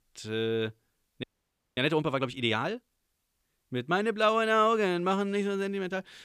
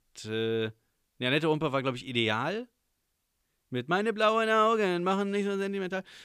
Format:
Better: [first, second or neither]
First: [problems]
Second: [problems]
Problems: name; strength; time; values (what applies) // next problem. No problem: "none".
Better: second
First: audio freezing; at 1 s for 0.5 s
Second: none